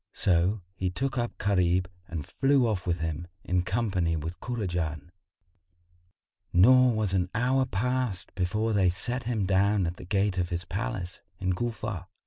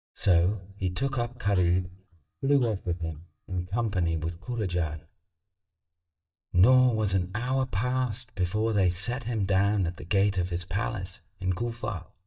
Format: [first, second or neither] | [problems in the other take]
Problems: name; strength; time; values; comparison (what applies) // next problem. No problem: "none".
first | noise reduction (neural mask model DeepFilterNet 3)